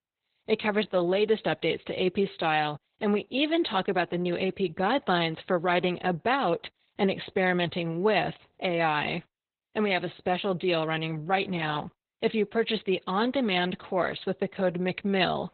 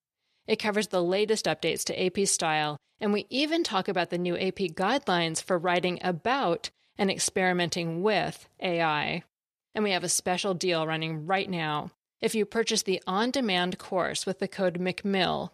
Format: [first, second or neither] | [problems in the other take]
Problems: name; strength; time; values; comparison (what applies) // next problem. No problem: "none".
second | garbled, watery; badly; nothing above 4 kHz